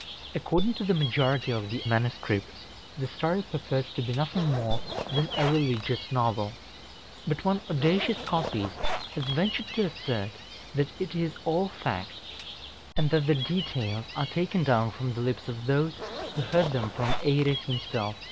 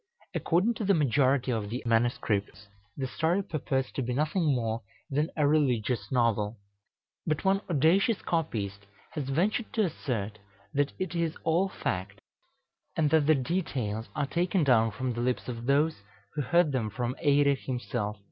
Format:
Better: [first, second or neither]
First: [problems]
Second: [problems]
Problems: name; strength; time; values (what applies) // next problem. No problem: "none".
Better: second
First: background sound (Gull, seagull + Zipper (clothing)); 7 dB below the speech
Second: none